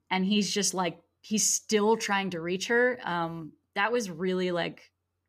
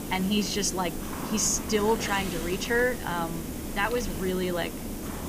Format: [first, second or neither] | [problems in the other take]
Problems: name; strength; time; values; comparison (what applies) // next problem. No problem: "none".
first | hiss; loud; throughout; 7 dB below the speech